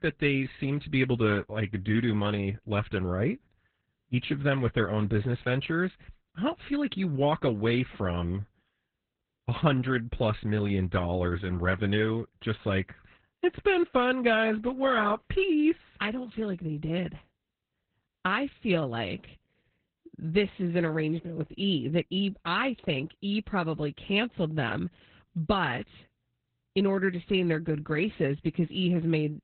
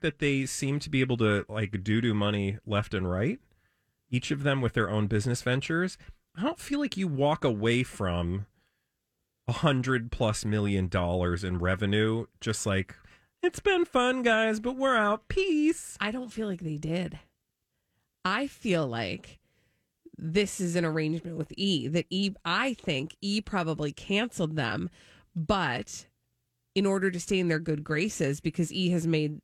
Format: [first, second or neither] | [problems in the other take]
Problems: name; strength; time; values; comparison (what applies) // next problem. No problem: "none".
second | garbled, watery; badly; nothing above 4 kHz